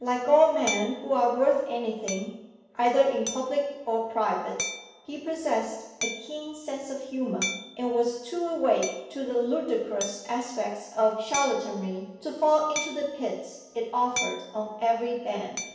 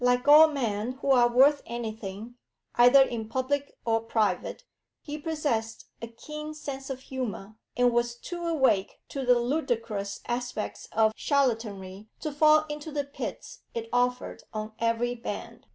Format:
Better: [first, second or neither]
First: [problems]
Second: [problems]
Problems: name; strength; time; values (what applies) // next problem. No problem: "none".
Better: second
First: background sound (Hammer); 12 dB below the speech // room echo; dies away in 0.9 s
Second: none